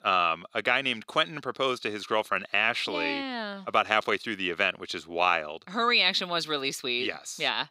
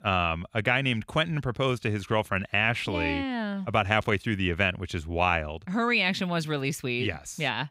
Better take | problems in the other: second | thin; somewhat; fading below 350 Hz

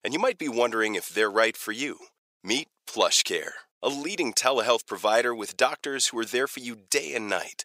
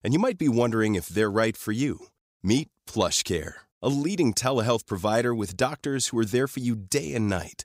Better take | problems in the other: second | thin; somewhat; fading below 550 Hz

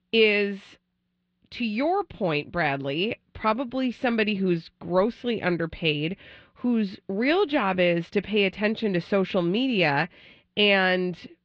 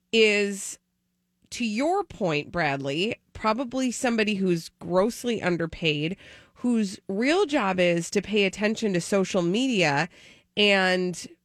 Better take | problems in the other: second | muffled; slightly; fading above 4 kHz

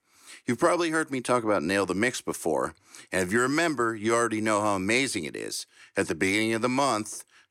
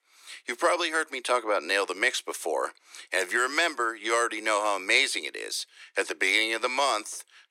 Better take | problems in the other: first | thin; very; fading below 400 Hz

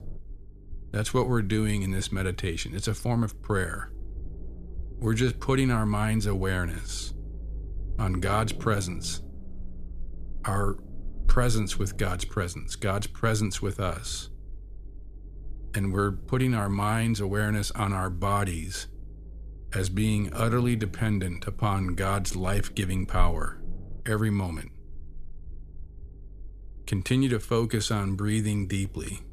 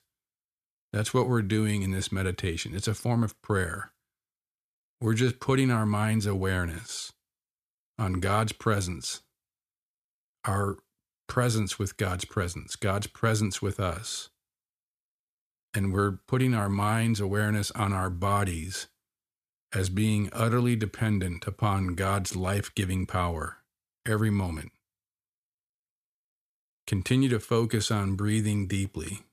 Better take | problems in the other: second | low rumble; faint; throughout; 25 dB below the speech

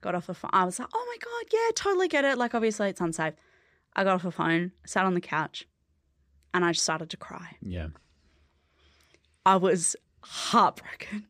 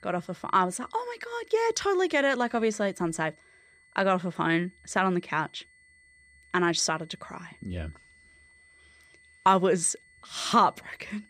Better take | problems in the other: first | high-pitched whine; faint; throughout; 2 kHz, 30 dB below the speech

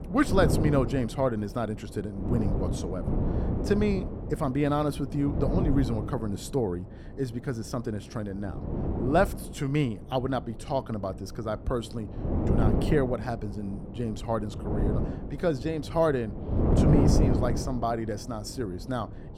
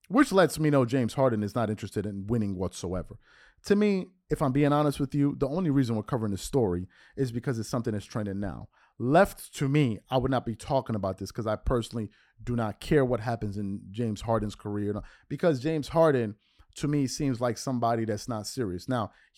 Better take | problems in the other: second | wind noise on the microphone; heavy; 5 dB below the speech

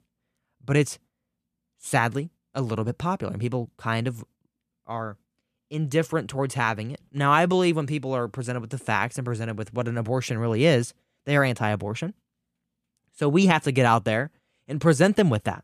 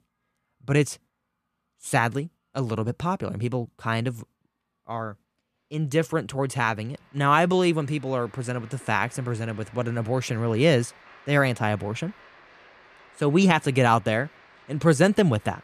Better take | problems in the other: first | crowd noise; faint; throughout; 25 dB below the speech

